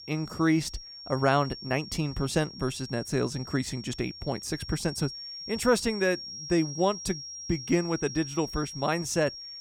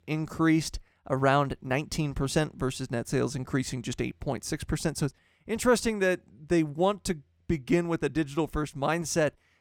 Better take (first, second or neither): second